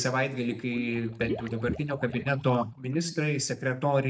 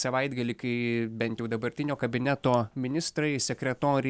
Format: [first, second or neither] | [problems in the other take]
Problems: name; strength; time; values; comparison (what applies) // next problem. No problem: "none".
second | noise reduction (neural mask model DeepFilterNet 3)